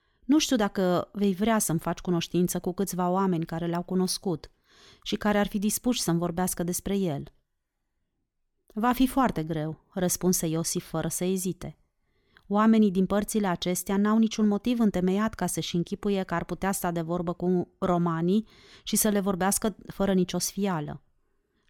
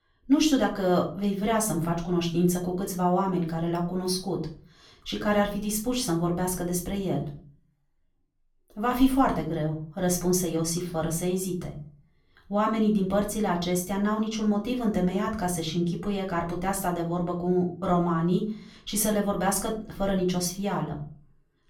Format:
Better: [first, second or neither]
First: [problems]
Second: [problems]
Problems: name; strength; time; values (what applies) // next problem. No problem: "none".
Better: first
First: none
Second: off-mic speech; far // room echo; very slight; dies away in 0.4 s